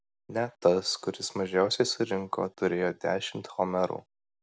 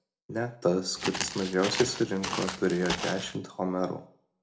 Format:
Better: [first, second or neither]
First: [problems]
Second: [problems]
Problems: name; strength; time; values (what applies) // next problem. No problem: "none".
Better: first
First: none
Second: background sound (Walk, footsteps); 5 dB below the speech // room echo; dies away in 0.3 s